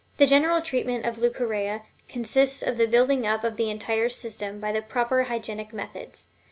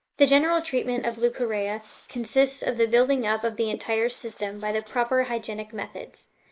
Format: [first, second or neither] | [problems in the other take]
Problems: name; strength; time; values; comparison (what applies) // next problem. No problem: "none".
first | noise reduction (neural mask model Resemble Enhance denoiser)